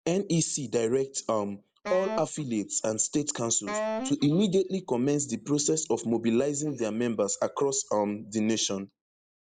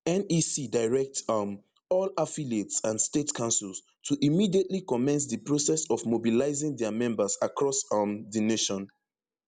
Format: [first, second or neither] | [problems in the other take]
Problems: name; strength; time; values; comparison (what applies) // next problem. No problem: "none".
second | noise reduction (neural mask model Resemble Enhance denoiser)